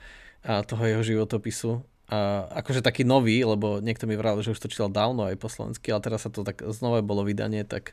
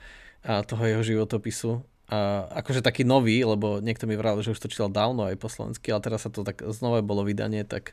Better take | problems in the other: neither | none

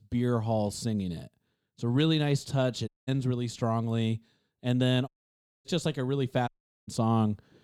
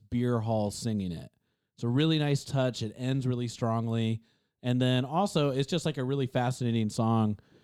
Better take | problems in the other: second | audio cutting out; at 3 s, at 5 s for 0.5 s and at 6.5 s

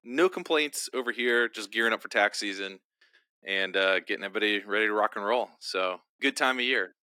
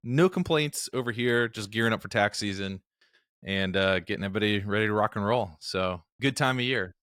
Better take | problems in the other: second | thin; somewhat; fading below 250 Hz

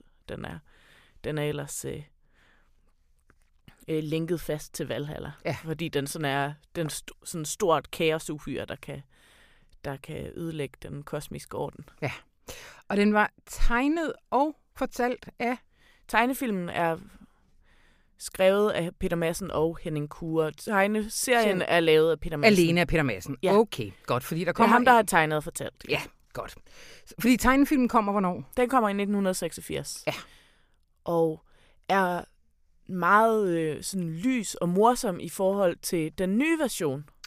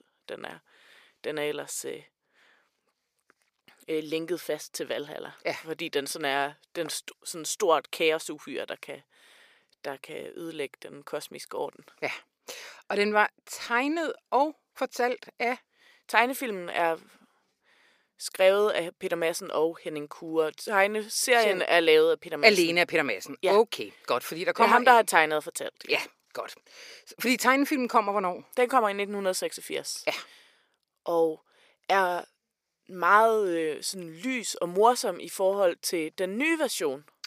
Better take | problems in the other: first | thin; somewhat; fading below 400 Hz

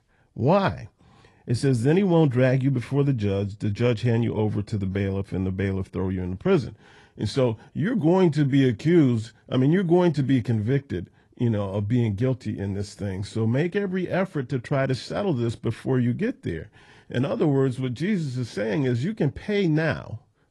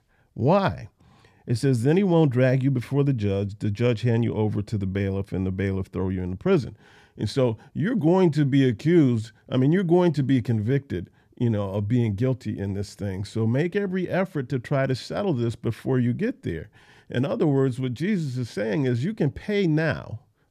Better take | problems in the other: second | garbled, watery; slightly

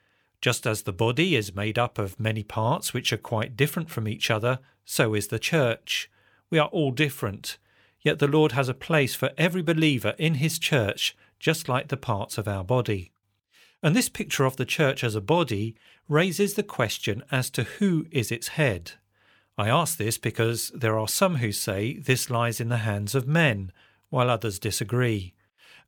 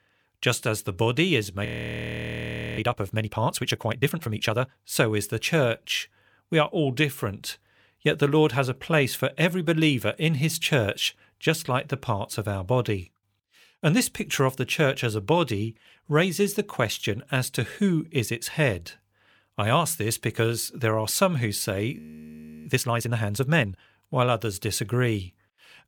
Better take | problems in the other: first | audio freezing; at 1.5 s for 1 s and at 22 s for 0.5 s

